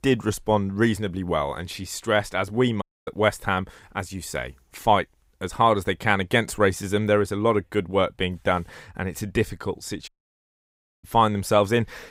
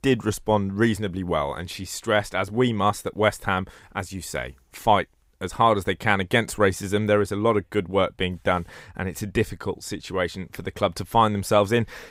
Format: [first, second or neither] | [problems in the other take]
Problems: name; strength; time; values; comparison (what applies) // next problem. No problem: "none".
second | audio cutting out; at 3 s and at 10 s for 1 s